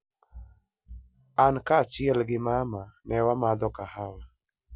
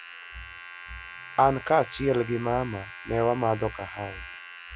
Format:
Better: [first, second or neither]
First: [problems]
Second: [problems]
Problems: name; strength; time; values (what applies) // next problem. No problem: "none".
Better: first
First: none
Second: background sound (Domestic sounds, home sounds); 14 dB below the speech